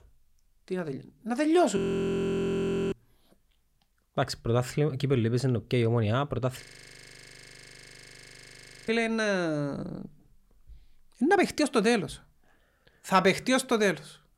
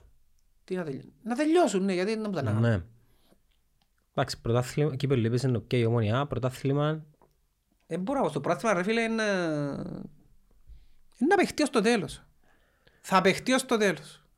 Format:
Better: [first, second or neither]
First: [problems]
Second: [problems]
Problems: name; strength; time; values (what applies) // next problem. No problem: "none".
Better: second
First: audio freezing; at 2 s for 1 s and at 6.5 s for 2.5 s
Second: none